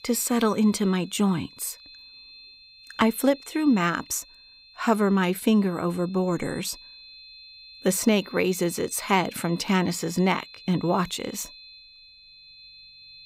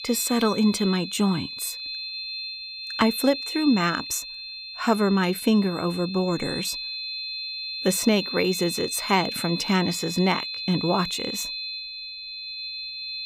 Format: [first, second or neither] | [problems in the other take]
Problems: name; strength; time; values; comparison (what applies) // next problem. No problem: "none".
first | high-pitched whine; loud; throughout; 4 kHz, 7 dB below the speech; faint in the first